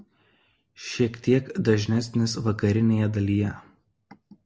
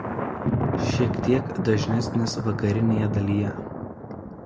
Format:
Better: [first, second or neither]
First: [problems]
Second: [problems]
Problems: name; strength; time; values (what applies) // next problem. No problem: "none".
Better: first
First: none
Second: background sound (Thunder); 2 dB below the speech